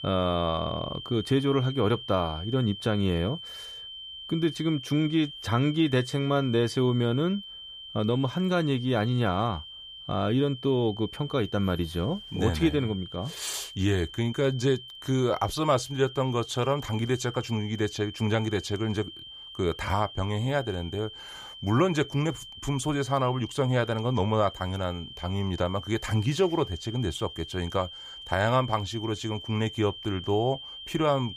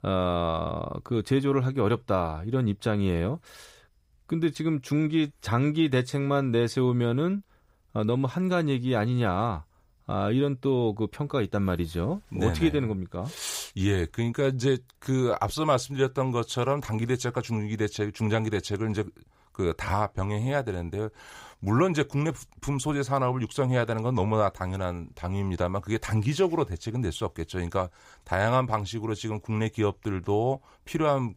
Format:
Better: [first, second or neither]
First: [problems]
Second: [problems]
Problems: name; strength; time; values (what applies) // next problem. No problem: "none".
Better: second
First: high-pitched whine; noticeable; throughout; 3 kHz, 10 dB below the speech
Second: none